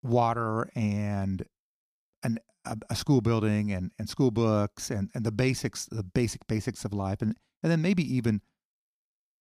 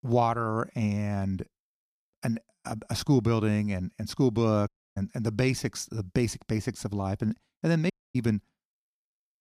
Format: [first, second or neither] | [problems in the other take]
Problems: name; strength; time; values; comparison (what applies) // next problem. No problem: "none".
first | audio cutting out; at 4.5 s and at 8 s